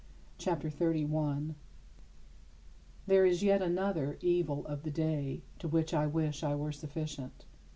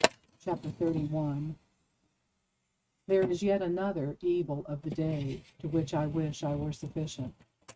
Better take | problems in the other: first | noise reduction (neural mask model RNNoise)

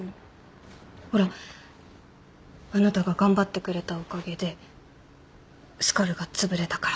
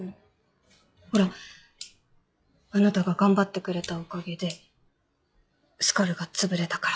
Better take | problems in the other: first | noise reduction (classical method log-MMSE)

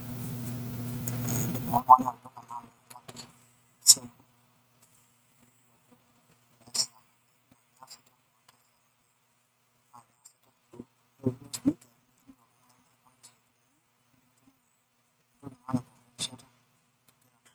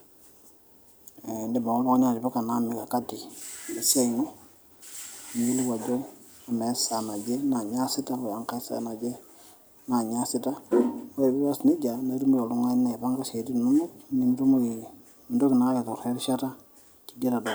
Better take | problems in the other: second | noise reduction (neural mask model RNNoise)

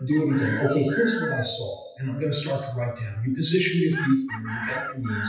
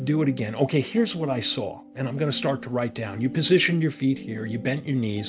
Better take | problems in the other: second | noise reduction (classical method WPE with log-MMSE)

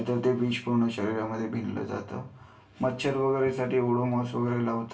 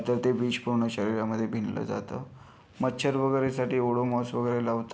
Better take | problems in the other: second | room echo; dies away in 0.2 s

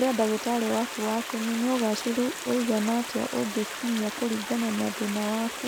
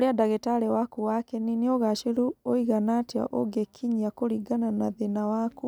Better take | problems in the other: second | background sound (Stream); 8 dB below the speech

